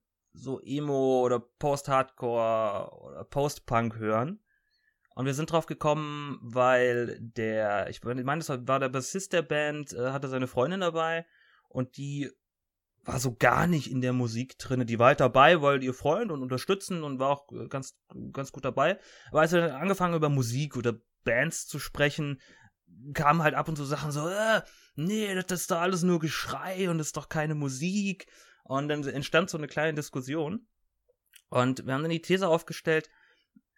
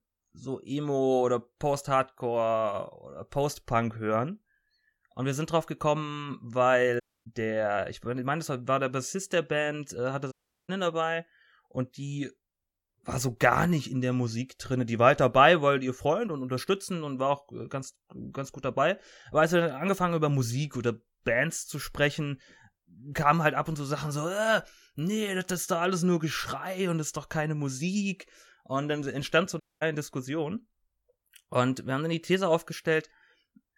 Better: first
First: none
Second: audio cutting out; at 7 s, at 10 s and at 30 s

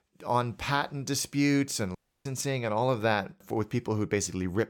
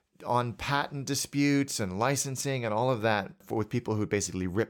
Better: second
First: audio cutting out; at 2 s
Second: none

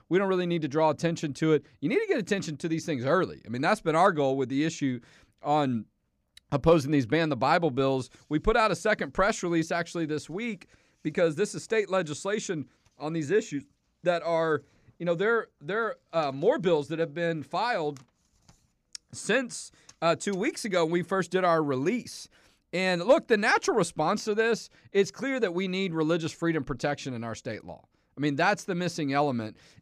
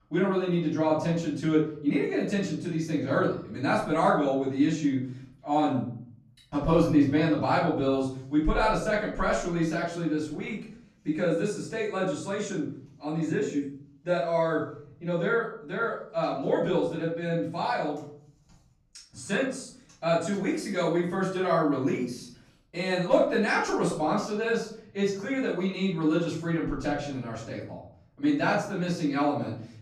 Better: first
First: none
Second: off-mic speech; far // room echo; noticeable; dies away in 0.6 s

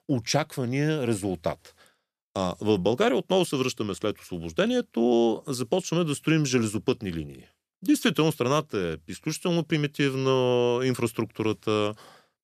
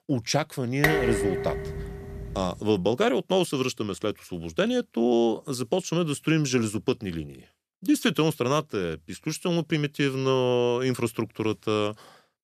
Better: first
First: none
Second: clattering dishes; loud; from 1 to 2.5 s; peak 3 dB above the speech

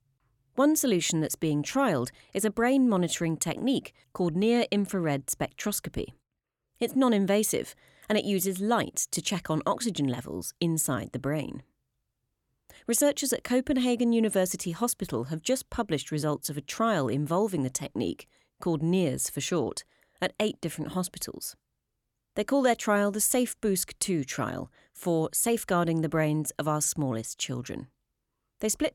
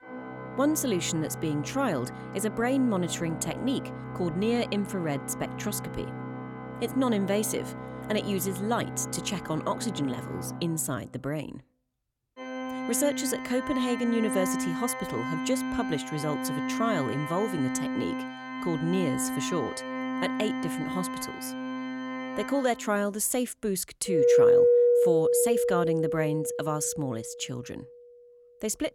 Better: first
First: none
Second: background music; loud; throughout; 1 dB below the speech

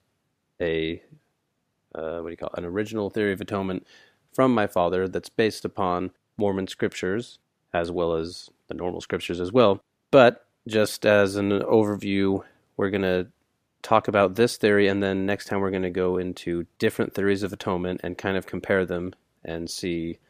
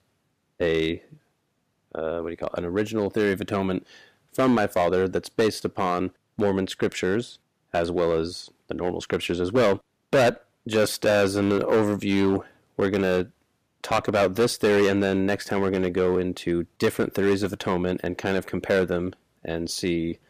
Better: first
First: none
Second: distortion; heavy; 5% of the sound clipped

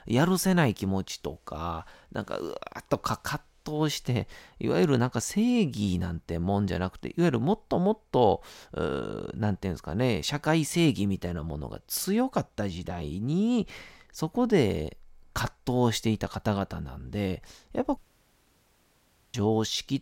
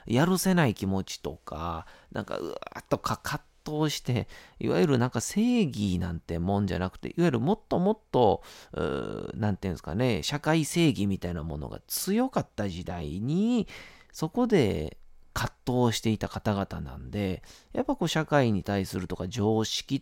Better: second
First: audio cutting out; at 18 s for 1.5 s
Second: none

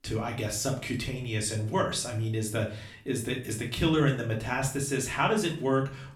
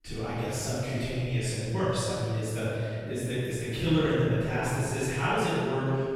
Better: first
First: room echo; slight; dies away in 0.4 s // off-mic speech; far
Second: room echo; strong; dies away in 2.2 s // off-mic speech; far

